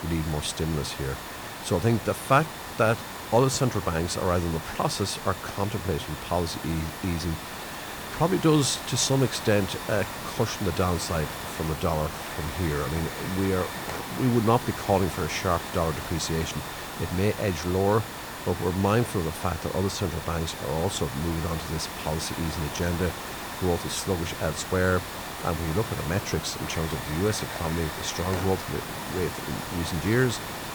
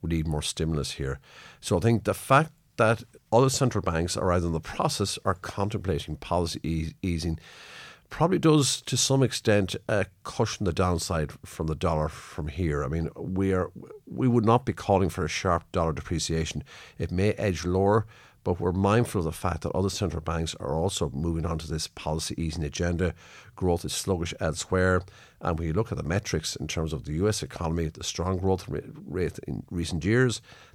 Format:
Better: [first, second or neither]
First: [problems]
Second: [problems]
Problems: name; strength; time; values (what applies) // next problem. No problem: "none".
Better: second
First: hiss; loud; throughout; 7 dB below the speech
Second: none